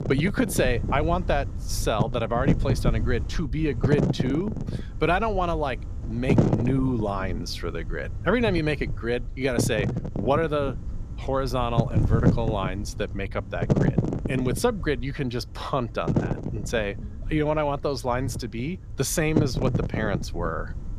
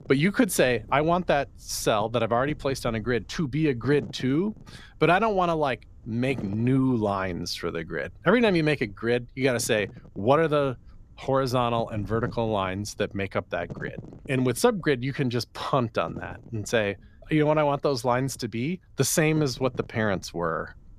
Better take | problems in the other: second | wind noise on the microphone; heavy; 6 dB below the speech; occasional gusts in the second

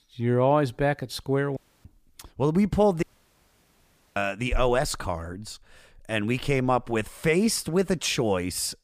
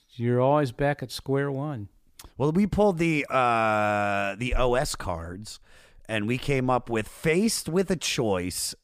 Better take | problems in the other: second | audio cutting out; at 1.5 s and at 3 s for 1 s

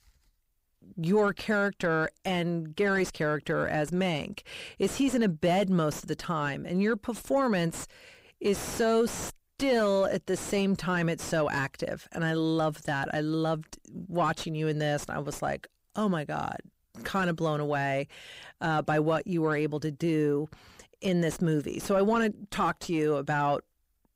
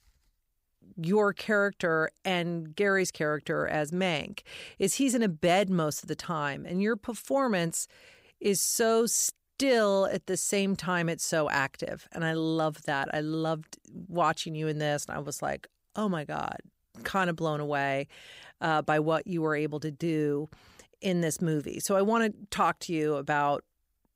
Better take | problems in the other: second | distortion; slight; 9 dB below the speech

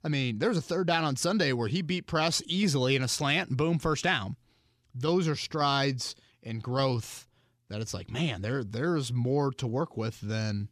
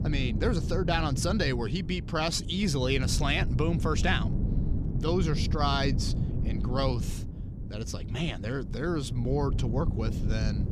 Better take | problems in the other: first | wind noise on the microphone; occasional gusts; 10 dB below the speech

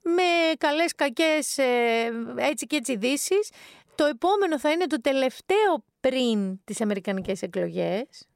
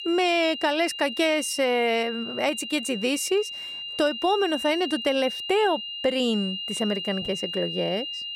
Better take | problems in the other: first | high-pitched whine; loud; throughout; 3 kHz, 6 dB below the speech

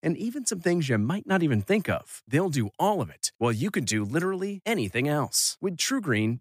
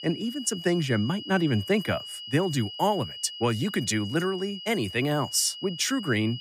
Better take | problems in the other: first | high-pitched whine; noticeable; throughout; 3 kHz, 10 dB below the speech

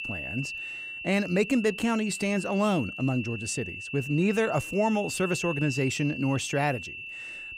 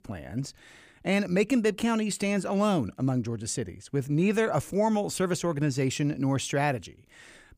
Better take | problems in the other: second | high-pitched whine; loud; throughout; 2.5 kHz, 8 dB below the speech

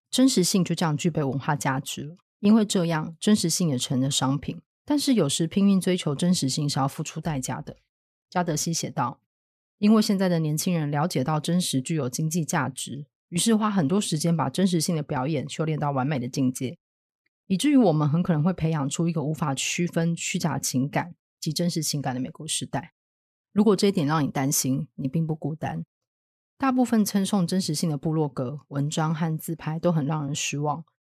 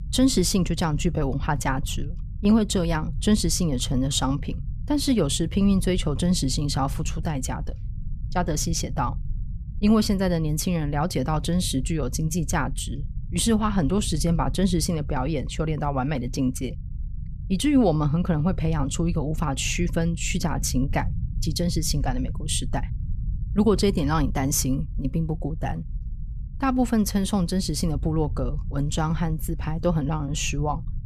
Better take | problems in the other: first | low rumble; faint; throughout; 20 dB below the speech

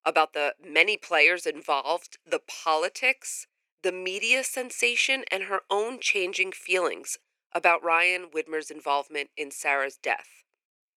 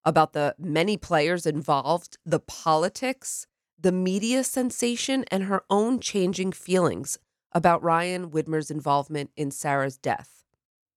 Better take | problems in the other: second | thin; very; fading below 400 Hz

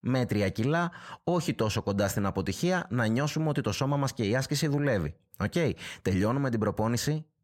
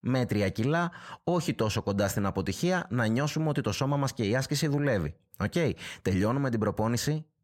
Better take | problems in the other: neither | none

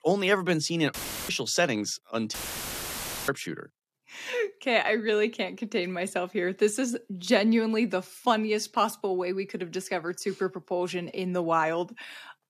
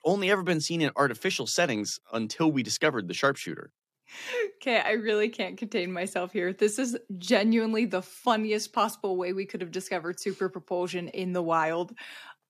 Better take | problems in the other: second | audio cutting out; filled with static; at 1 s and at 2.5 s for 1 s

